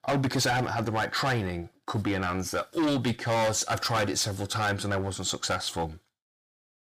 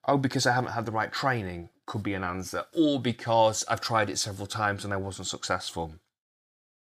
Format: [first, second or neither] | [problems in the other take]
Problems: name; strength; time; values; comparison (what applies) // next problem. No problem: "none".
second | distortion; heavy; 13% of the sound clipped